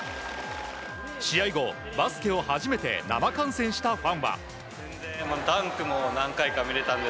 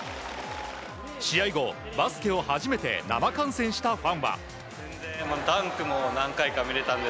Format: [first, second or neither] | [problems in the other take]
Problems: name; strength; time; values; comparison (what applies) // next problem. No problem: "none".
second | background sound (Wind instrument, woodwind instrument); 15 dB below the speech